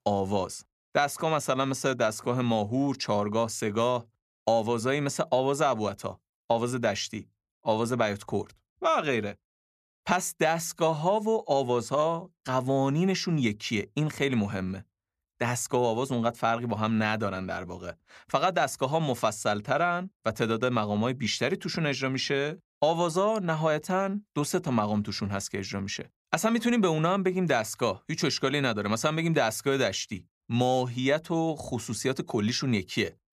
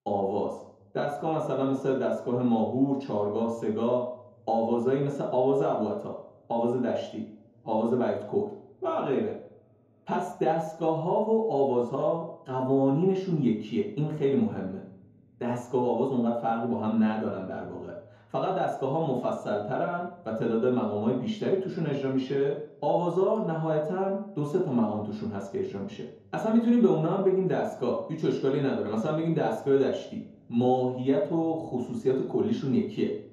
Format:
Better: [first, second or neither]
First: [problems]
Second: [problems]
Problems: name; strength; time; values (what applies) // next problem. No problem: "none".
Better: first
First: none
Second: room echo; noticeable; dies away in 1.7 s // off-mic speech; far